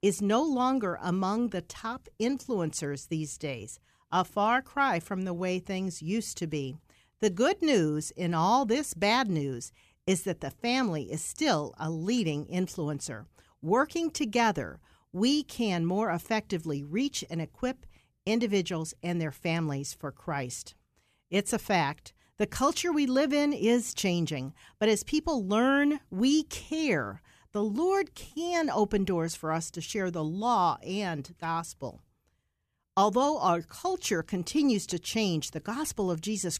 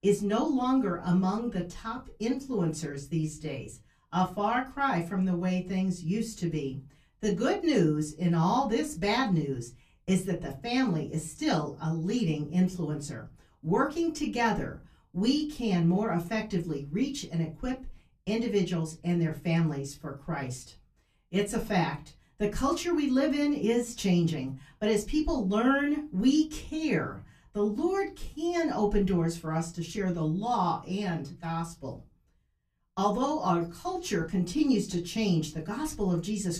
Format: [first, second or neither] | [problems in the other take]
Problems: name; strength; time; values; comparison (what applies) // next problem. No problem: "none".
first | off-mic speech; far // room echo; very slight; dies away in 0.3 s